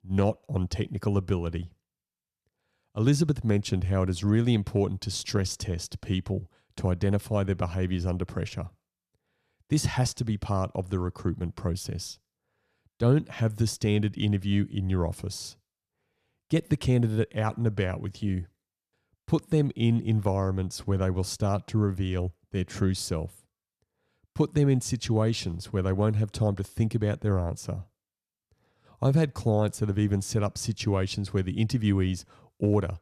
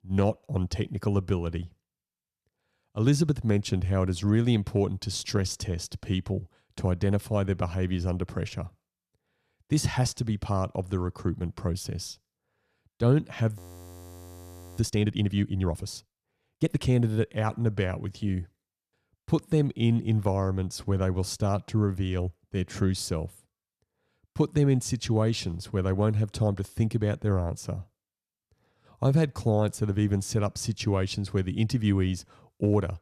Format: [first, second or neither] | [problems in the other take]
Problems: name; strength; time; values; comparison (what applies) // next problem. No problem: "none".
first | audio freezing; at 14 s for 1 s